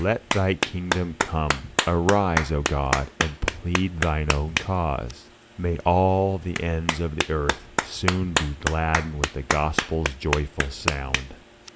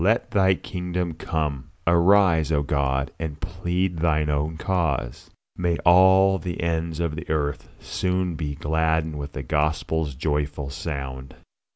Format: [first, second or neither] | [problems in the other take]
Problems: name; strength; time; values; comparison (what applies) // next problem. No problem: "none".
second | background sound (Clapping); 4 dB below the speech